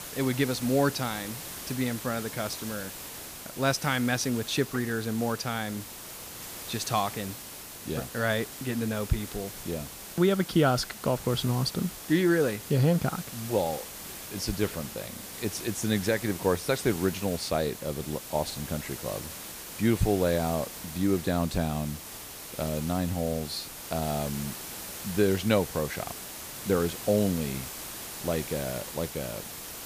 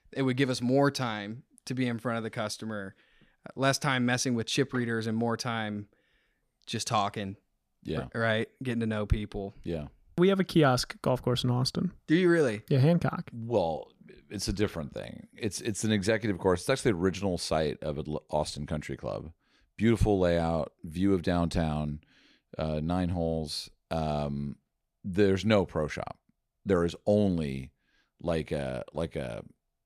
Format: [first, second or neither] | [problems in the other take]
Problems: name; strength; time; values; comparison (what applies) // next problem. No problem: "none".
second | hiss; loud; throughout; 9 dB below the speech